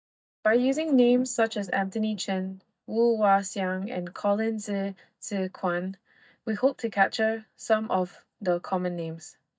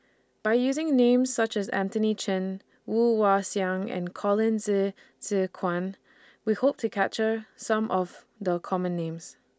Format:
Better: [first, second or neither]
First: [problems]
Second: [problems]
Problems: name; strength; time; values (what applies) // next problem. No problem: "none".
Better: second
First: noise reduction (neural mask model DeepFilterNet 3)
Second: none